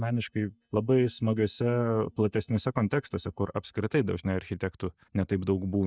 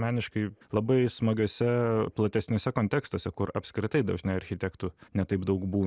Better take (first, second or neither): second